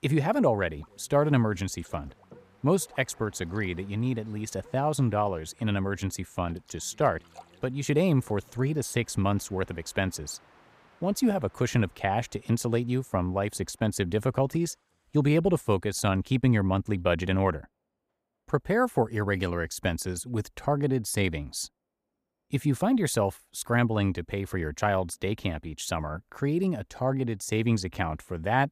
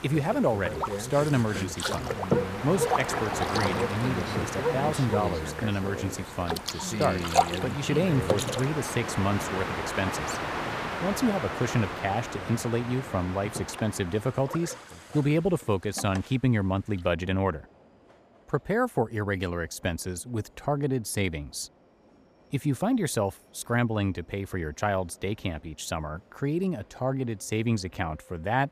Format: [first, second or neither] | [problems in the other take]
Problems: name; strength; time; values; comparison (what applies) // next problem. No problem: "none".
first | train or aircraft noise; loud; throughout; 2 dB below the speech; faint in the first